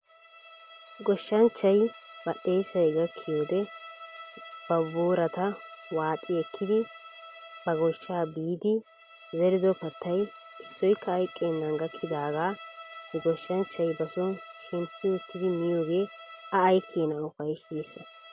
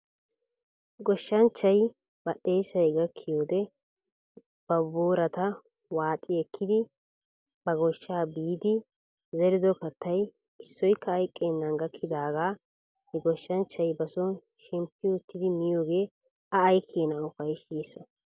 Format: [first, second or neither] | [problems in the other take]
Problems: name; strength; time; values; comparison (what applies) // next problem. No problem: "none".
second | background sound (Bowed string instrument); 18 dB below the speech